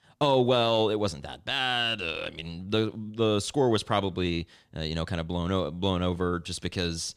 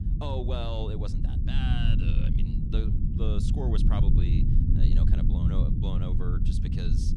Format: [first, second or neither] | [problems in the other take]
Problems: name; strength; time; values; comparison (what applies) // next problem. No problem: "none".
first | low rumble; loud; throughout; 1 dB below the speech